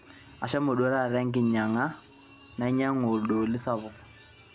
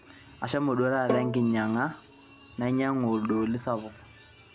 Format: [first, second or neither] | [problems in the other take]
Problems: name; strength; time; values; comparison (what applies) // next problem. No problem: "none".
first | background sound (Bowed string instrument); 8 dB below the speech